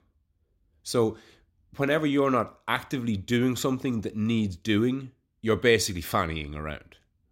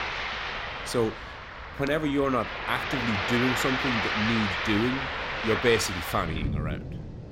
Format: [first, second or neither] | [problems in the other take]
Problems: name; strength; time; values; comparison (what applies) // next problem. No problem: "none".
first | rain or running water; loud; throughout; 2 dB below the speech